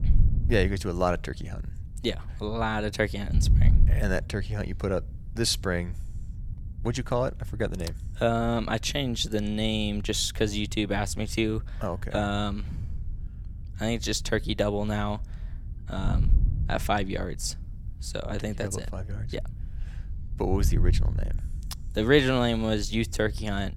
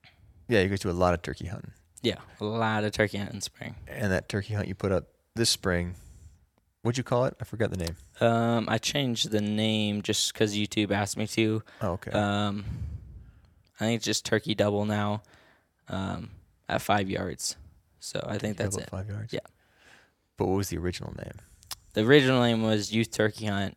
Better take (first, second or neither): second